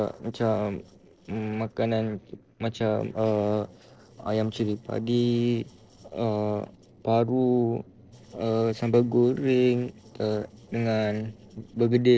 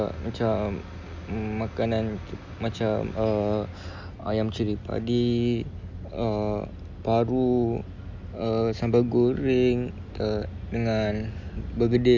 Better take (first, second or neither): second